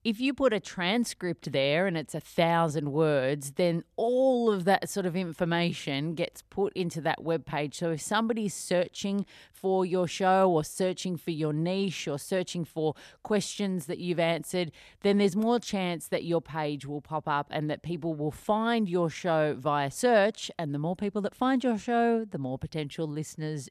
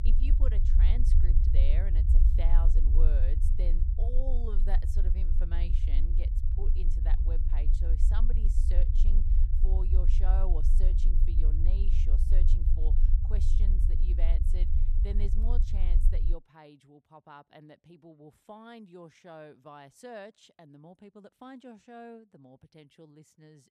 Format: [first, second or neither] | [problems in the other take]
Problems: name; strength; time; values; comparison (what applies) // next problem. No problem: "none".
first | low rumble; loud; until 16 s; 2 dB below the speech